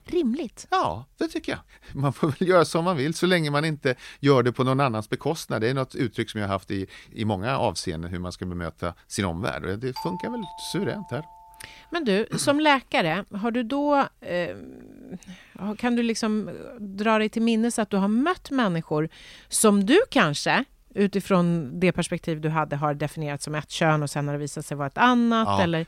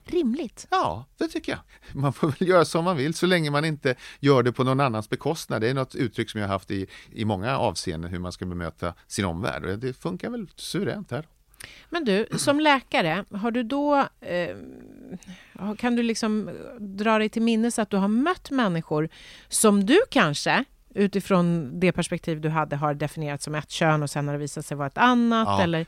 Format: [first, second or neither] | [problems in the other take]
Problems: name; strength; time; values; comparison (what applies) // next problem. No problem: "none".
second | doorbell; faint; from 10 to 12 s; peak 10 dB below the speech